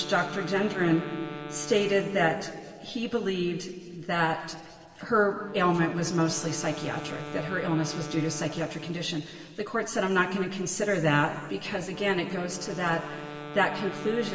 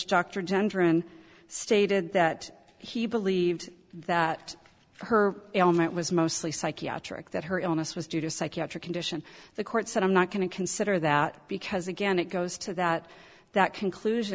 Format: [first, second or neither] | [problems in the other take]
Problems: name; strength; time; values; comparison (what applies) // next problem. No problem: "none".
second | background sound (Wind instrument, woodwind instrument); 14 dB below the speech // room echo; dies away in 2.8 s